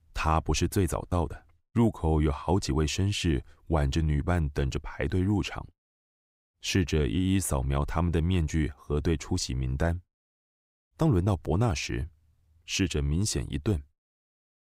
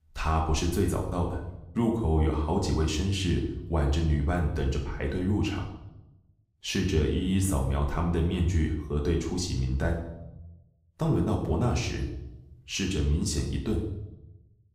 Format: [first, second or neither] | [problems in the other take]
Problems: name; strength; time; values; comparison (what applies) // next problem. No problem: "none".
first | room echo; slight; dies away in 0.7 s // off-mic speech; somewhat distant